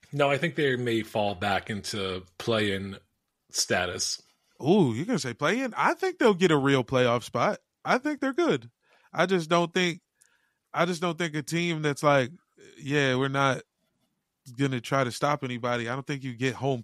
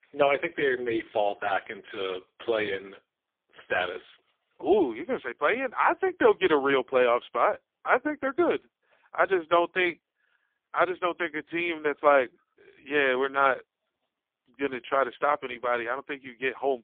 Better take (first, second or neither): first